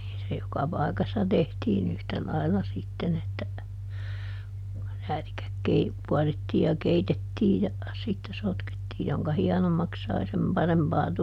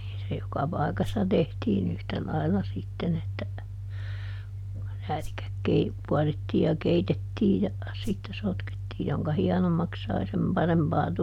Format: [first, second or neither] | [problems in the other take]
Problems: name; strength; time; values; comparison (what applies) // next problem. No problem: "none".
first | background sound (Whoosh, swoosh, swish); 13 dB below the speech